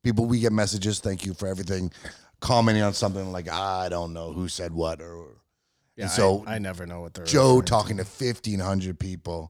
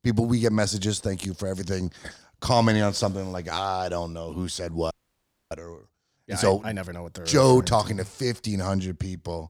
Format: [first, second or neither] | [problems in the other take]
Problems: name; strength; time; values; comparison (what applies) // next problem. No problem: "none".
first | audio freezing; at 5 s for 0.5 s